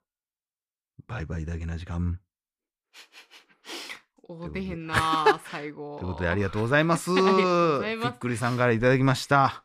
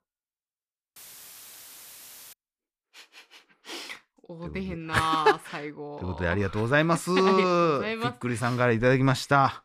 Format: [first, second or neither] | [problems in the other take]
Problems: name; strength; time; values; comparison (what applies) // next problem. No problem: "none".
first | audio cutting out; filled with static; at 1 s for 1.5 s